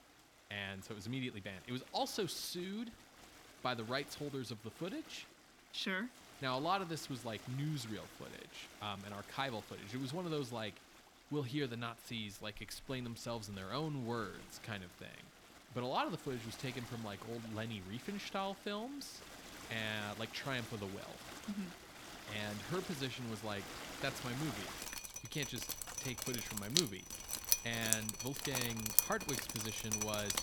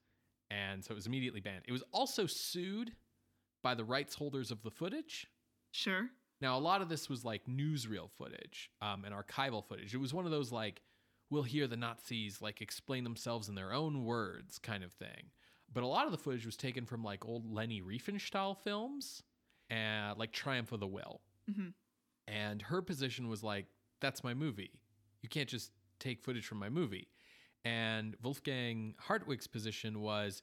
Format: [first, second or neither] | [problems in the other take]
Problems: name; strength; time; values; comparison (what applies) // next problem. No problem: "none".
second | rain or running water; very loud; throughout; 1 dB above the speech